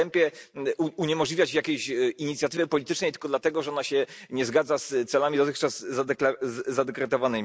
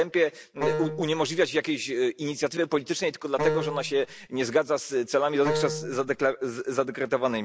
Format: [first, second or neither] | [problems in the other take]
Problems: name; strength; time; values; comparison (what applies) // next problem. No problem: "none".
first | background sound (Wind instrument, woodwind instrument); 4 dB below the speech